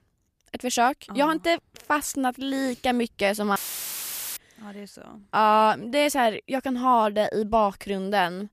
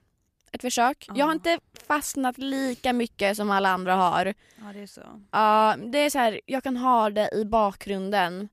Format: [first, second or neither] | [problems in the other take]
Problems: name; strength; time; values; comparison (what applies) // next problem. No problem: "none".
second | audio cutting out; filled with static; at 3.5 s for 1 s